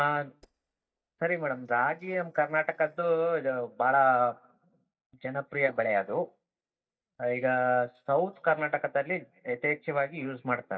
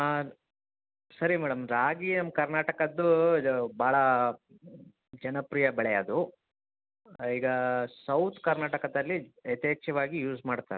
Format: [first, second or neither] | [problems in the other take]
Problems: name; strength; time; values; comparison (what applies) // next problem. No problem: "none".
second | noise reduction (neural mask model DeepFilterNet 3)